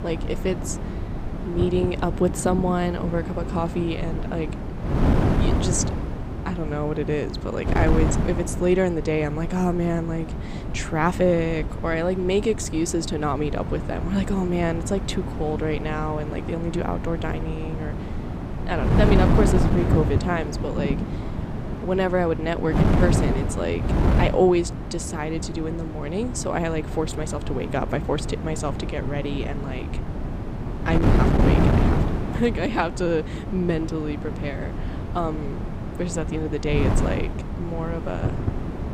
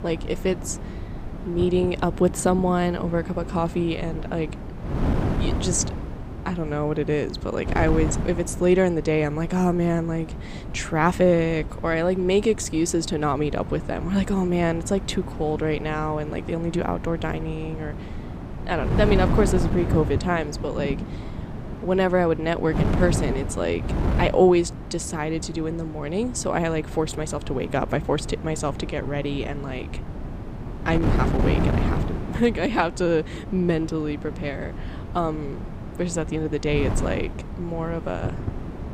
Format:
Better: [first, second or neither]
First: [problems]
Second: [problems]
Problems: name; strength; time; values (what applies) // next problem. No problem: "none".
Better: second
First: wind noise on the microphone; heavy; 5 dB below the speech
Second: wind noise on the microphone; occasional gusts; 10 dB below the speech